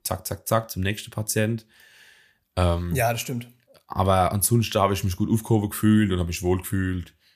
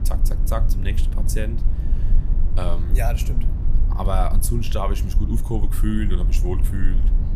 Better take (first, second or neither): first